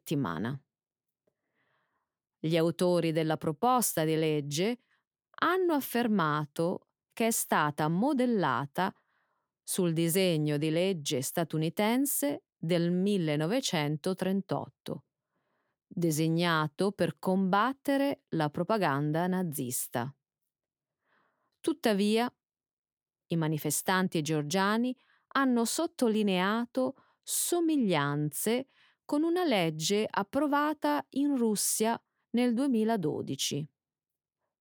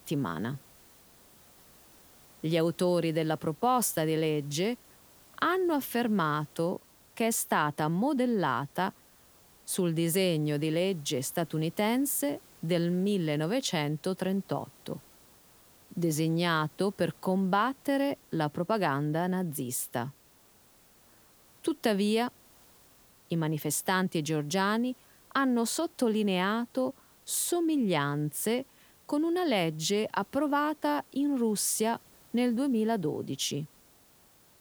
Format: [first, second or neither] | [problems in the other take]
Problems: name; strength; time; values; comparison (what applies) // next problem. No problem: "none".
first | hiss; faint; throughout; 25 dB below the speech